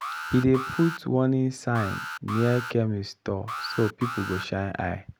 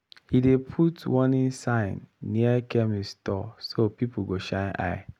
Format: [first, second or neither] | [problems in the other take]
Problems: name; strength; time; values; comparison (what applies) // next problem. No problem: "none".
second | background sound (Alarm); 10 dB below the speech